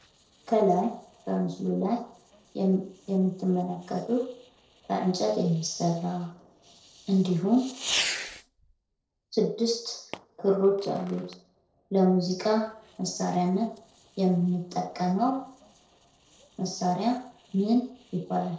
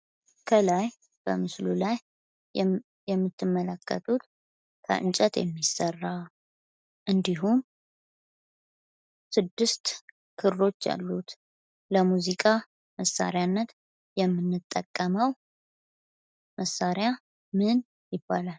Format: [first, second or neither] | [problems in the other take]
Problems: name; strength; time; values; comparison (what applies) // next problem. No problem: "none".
second | noise reduction (neural separator model SepFormer DNS4)